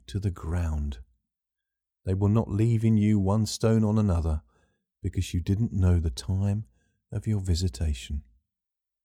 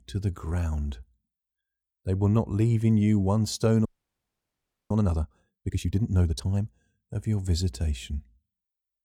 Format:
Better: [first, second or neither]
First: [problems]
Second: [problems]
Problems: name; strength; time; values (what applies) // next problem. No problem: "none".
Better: first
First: none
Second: audio freezing; at 4 s for 1 s